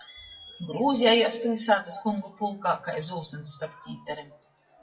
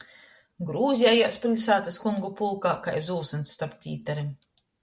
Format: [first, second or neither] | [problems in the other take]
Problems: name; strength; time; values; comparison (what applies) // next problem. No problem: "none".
second | noise reduction (classical method WPE with log-MMSE)